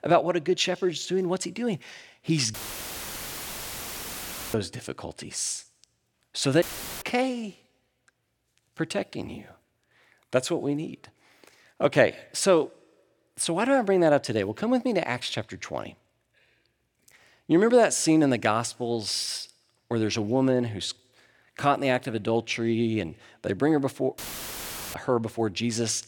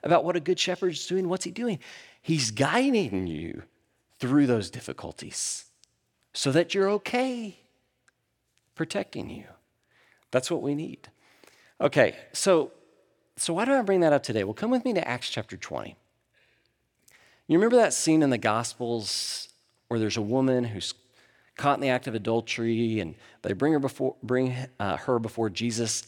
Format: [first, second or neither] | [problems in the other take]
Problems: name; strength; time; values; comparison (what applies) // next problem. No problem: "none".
second | audio cutting out; filled with static; at 2.5 s for 2 s, at 6.5 s and at 24 s for 1 s